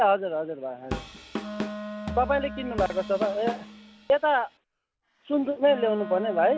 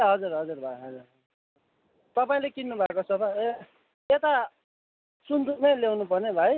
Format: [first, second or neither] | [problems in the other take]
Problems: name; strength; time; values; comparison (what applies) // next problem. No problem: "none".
second | background sound (Wind instrument, woodwind instrument + Drum kit); 10 dB below the speech